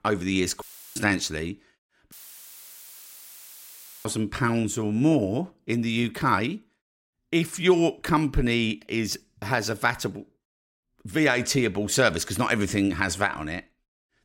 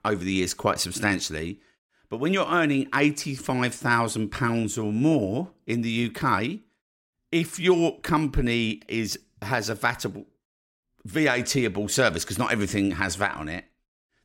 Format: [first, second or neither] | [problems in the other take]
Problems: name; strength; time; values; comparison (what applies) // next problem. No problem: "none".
second | audio cutting out; filled with static; at 0.5 s and at 2 s for 2 s